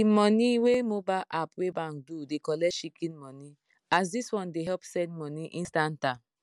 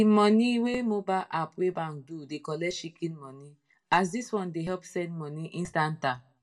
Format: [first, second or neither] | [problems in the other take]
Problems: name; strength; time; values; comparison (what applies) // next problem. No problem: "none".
first | room echo; dies away in 0.2 s